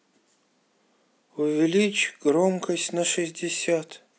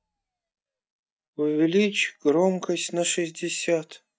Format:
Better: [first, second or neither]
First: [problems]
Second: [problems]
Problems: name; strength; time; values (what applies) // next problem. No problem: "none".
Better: first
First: none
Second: noise reduction (neural mask model DeepFilterNet 3)